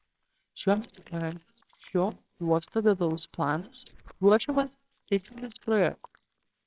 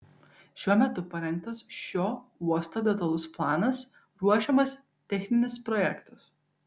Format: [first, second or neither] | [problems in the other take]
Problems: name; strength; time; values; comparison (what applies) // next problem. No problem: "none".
second | noise reduction (neural separator model SepFormer WHAMR!)